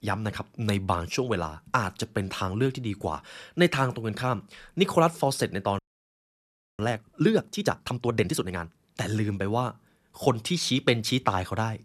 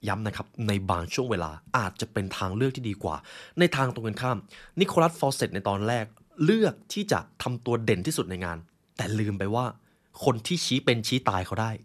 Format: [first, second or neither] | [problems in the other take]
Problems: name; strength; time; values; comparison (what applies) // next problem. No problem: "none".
second | audio freezing; at 6 s for 1 s